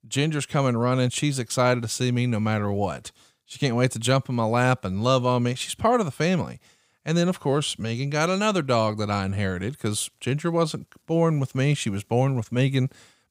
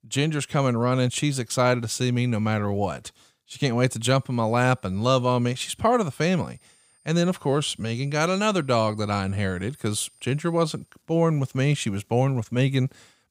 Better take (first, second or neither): first